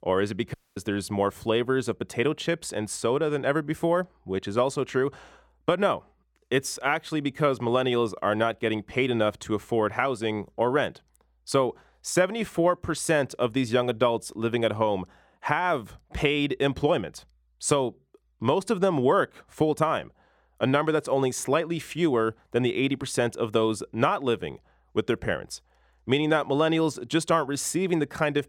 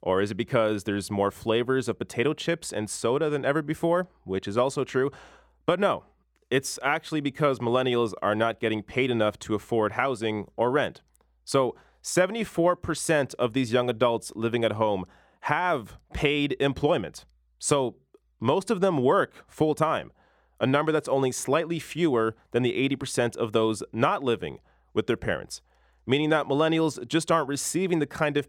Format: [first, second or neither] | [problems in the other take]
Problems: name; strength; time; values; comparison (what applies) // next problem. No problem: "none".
second | audio cutting out; at 0.5 s